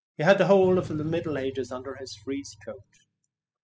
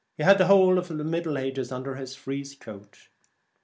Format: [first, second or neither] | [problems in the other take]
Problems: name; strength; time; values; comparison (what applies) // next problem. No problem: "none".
second | noise reduction (classical method spectral subtraction)